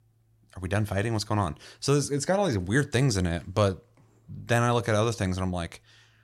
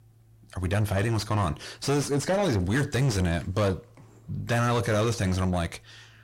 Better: first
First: none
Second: distortion; heavy; 7 dB below the speech

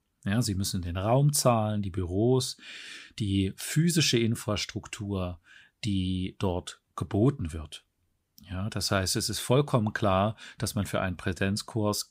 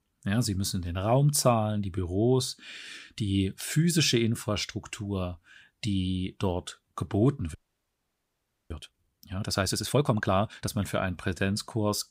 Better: first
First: none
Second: audio freezing; at 7.5 s for 1 s

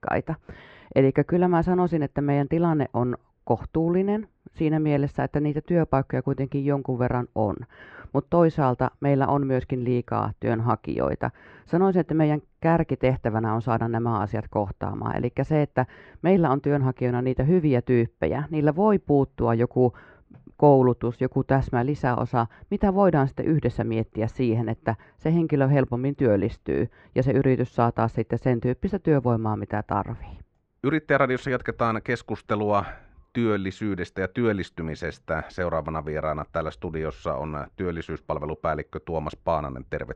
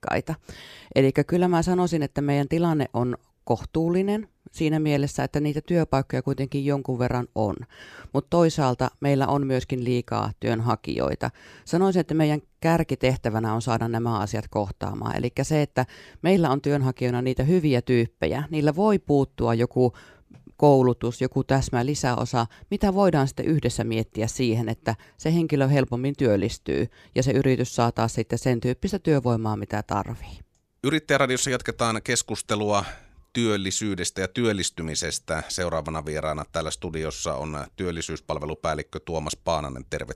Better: second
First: muffled; very; fading above 1.5 kHz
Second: none

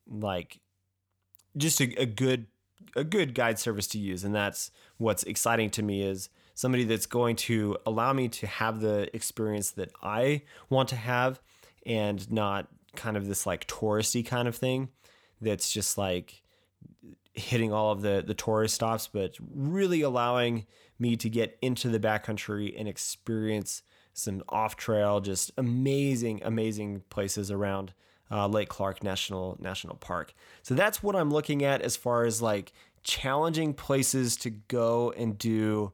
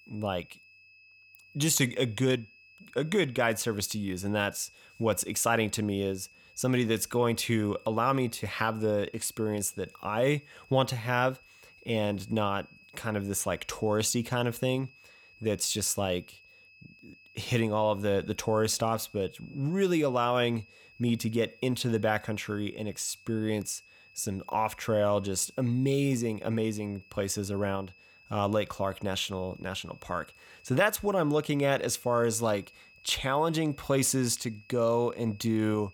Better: first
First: none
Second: high-pitched whine; faint; throughout; 2.5 kHz, 25 dB below the speech

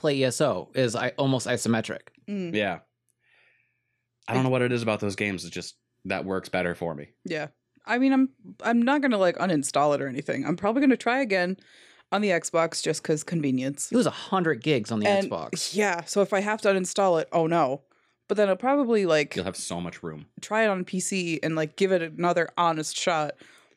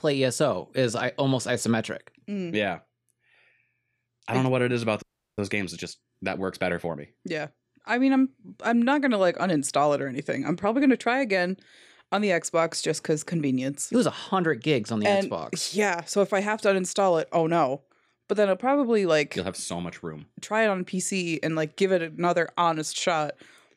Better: first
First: none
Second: audio freezing; at 5 s

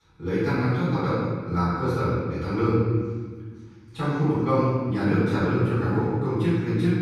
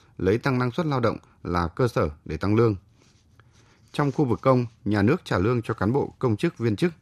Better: second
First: off-mic speech; far // room echo; strong; dies away in 1.6 s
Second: none

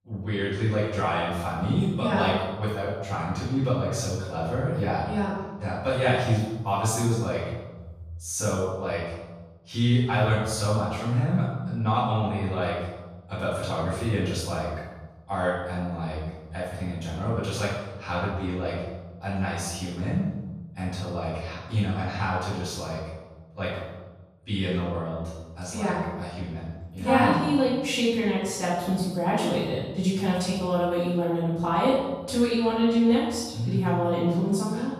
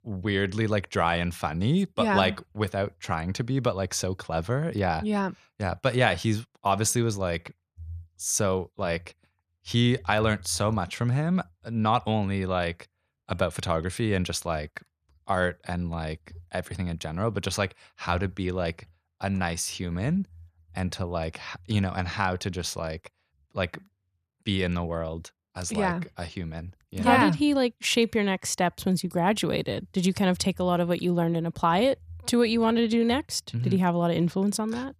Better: second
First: room echo; strong; dies away in 1 s // off-mic speech; far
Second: none

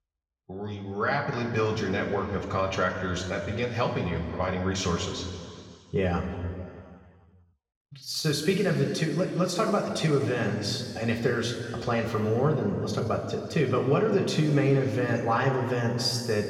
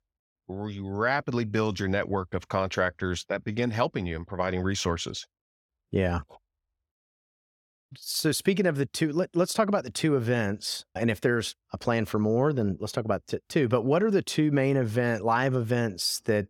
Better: second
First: room echo; noticeable; dies away in 2.3 s // off-mic speech; far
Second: none

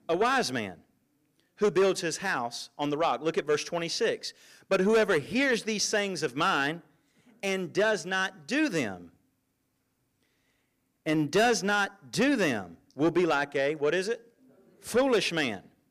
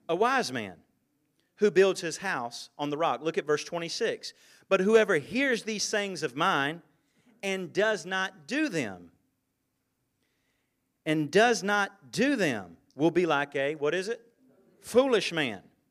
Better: second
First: distortion; slight; 10 dB below the speech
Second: none

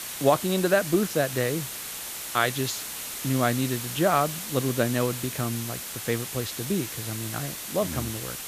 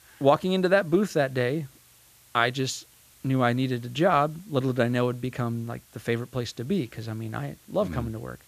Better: second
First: hiss; loud; throughout; 6 dB below the speech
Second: hiss; faint; throughout; 25 dB below the speech

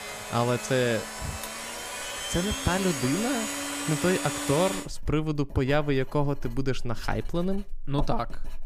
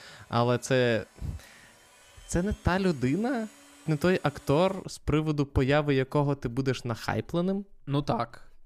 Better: second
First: household noises; loud; throughout; 4 dB below the speech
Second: household noises; faint; throughout; 25 dB below the speech

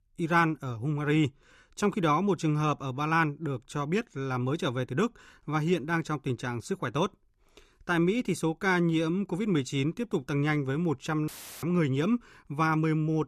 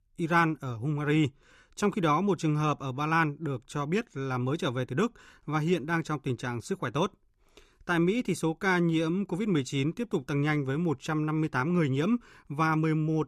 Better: second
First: audio cutting out; filled with static; at 11 s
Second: none

